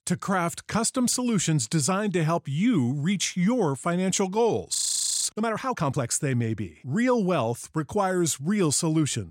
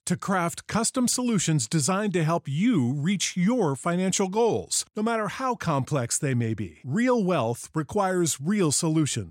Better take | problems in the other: second | audio freezing; at 5 s

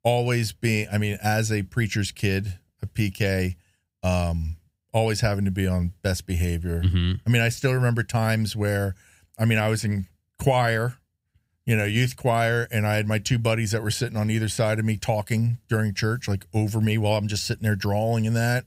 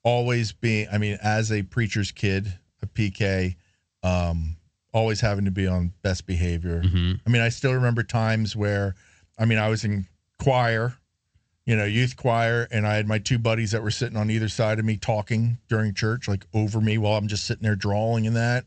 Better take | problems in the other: first | garbled, watery; slightly; nothing above 8 kHz

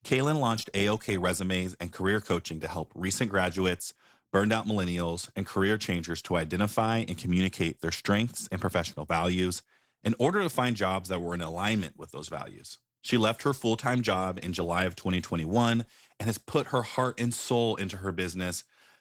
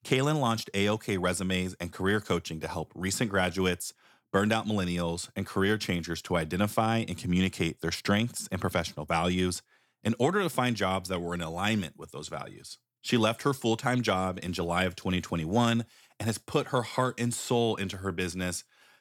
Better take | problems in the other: second | garbled, watery; slightly

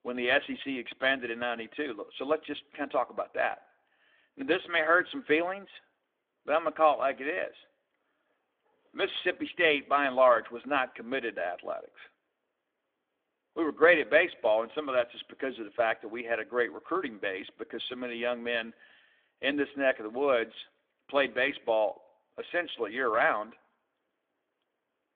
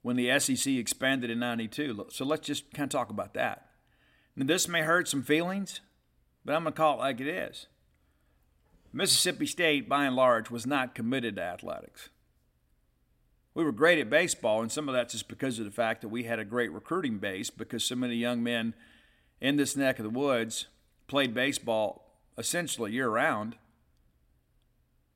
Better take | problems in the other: second | phone-call audio; nothing above 3.5 kHz

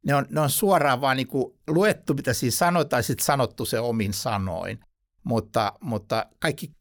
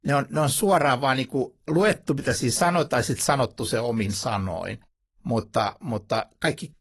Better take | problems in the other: first | garbled, watery; slightly; nothing above 11.5 kHz

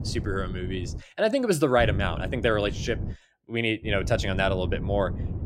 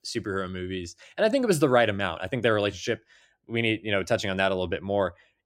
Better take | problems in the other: second | wind noise on the microphone; occasional gusts; at the start, from 2 to 3 s and from 4 s on; 15 dB below the speech

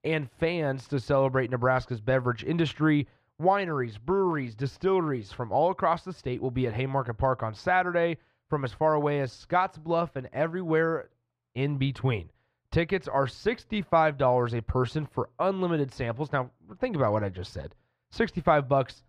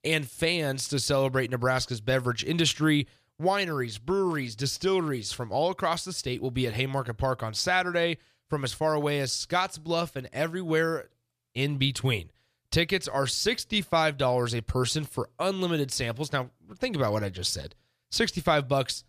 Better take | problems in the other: second | muffled; very; fading above 3.5 kHz

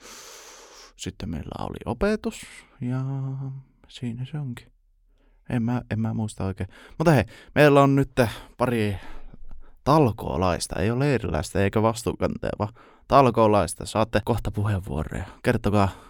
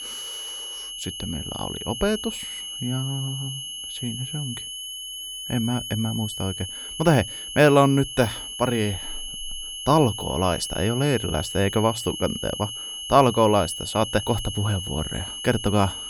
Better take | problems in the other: first | high-pitched whine; loud; throughout; 3 kHz, 7 dB below the speech

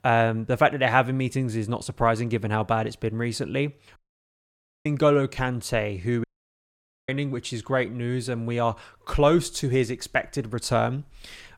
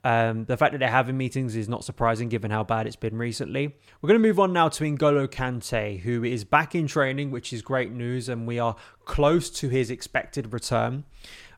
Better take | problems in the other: second | audio cutting out; at 4 s for 1 s and at 6 s for 1 s

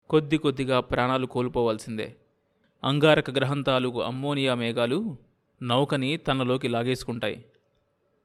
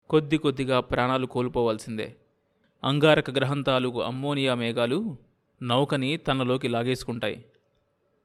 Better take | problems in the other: neither | none

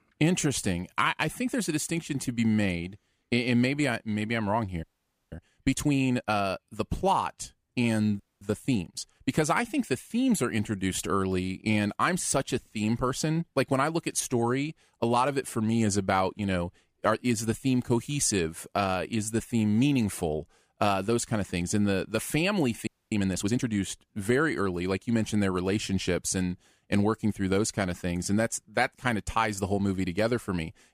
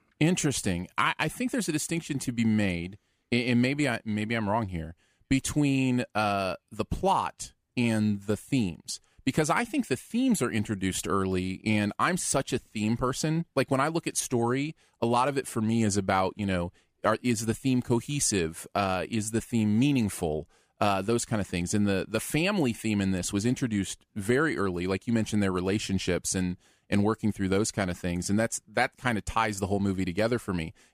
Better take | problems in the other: second | audio freezing; at 5 s, at 8 s and at 23 s

